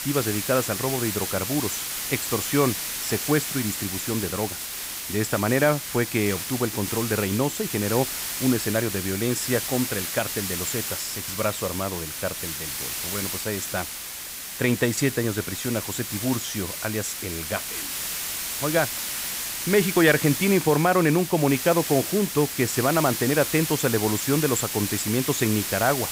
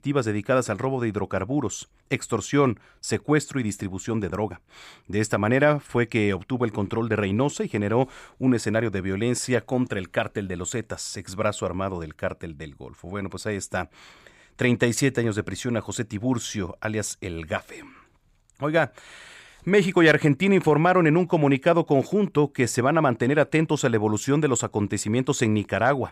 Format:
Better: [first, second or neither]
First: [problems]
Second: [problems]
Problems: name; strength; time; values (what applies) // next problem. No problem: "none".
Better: second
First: hiss; loud; throughout; 3 dB below the speech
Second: none